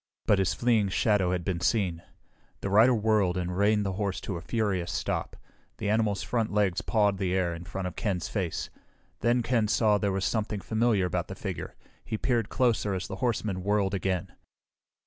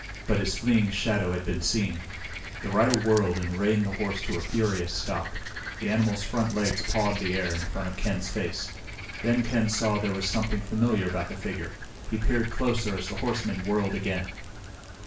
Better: first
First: none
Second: background sound (Frog); 10 dB below the speech // room echo; dies away in 0.3 s

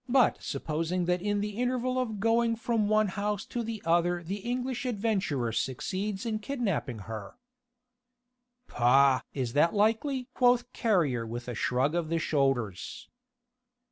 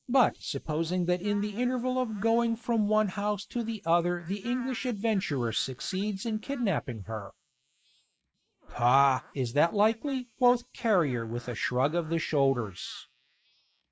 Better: first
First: none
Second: noise reduction (neural mask model Resemble Enhance denoiser)

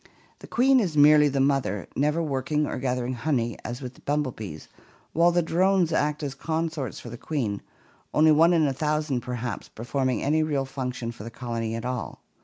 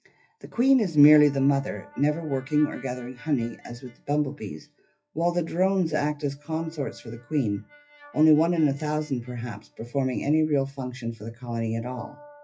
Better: first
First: none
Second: noise reduction (classical method WPE with log-MMSE)

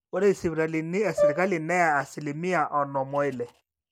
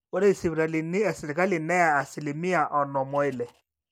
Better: second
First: background sound (Brass instrument); 3 dB below the speech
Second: none

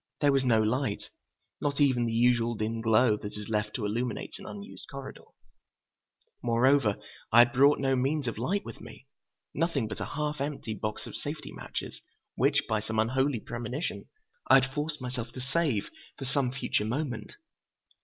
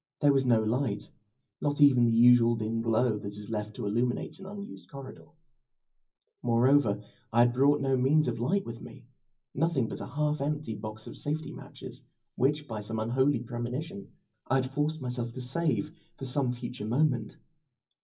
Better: first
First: none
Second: room echo; dies away in 0.4 s

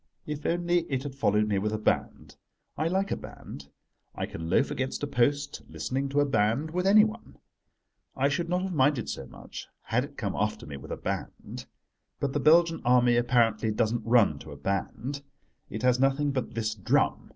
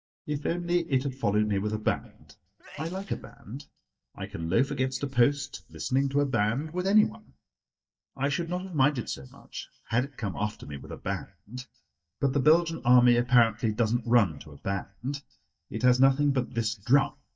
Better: first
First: none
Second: noise reduction (neural mask model DeepFilterNet 3)

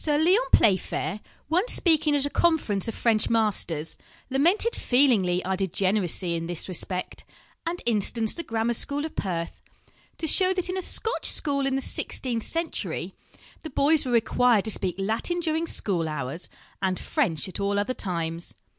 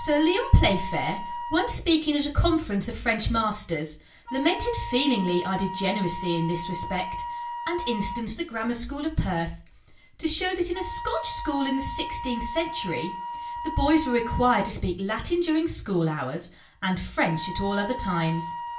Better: first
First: none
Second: background sound (Wind instrument, woodwind instrument); 10 dB below the speech // room echo; dies away in 0.3 s

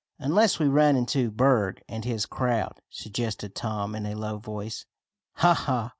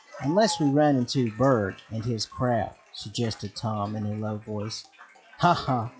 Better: first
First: none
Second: noise reduction (classical method log-MMSE)

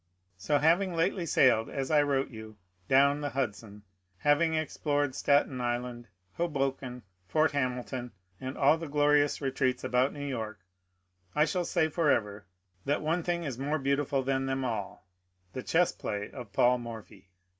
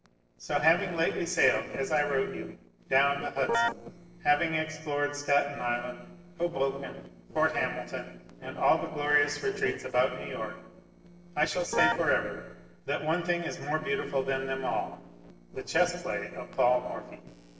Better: first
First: none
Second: noise reduction (neural separator model SepFormer DNS4)

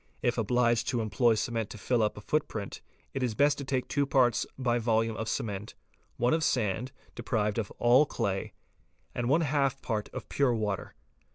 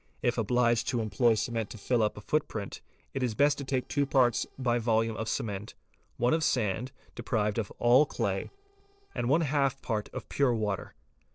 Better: first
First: none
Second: noise reduction (neural separator model SepFormer DNS4)

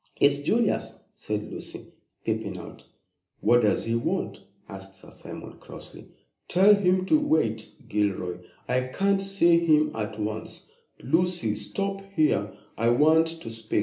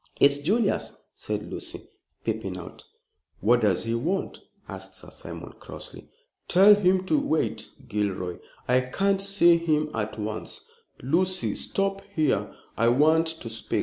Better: second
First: room echo; dies away in 0.3 s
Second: none

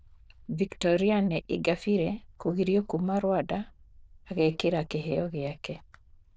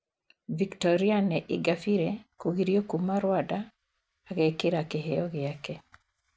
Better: second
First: noise reduction (neural diffusion model UNIVERSE++)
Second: none

